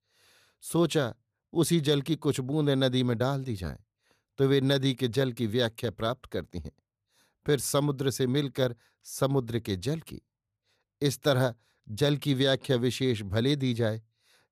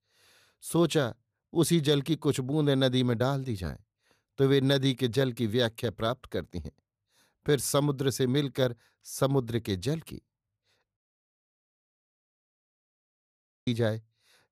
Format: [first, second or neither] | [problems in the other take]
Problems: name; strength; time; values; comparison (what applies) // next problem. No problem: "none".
first | audio cutting out; at 11 s for 2.5 s